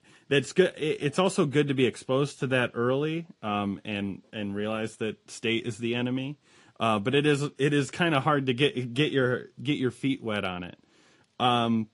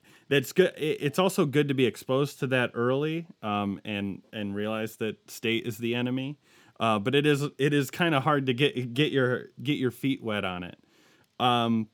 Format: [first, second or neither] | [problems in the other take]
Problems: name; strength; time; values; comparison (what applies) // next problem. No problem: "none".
second | garbled, watery; slightly; nothing above 11 kHz